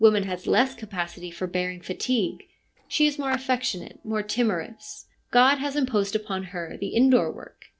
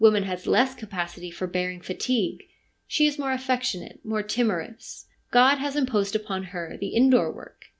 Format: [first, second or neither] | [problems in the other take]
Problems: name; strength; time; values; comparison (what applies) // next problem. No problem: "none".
second | noise reduction (neural separator model SepFormer DNS4)